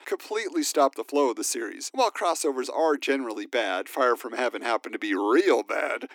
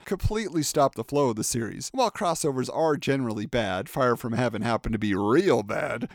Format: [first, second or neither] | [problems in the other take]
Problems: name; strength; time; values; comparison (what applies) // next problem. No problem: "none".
second | thin; very slightly; fading below 300 Hz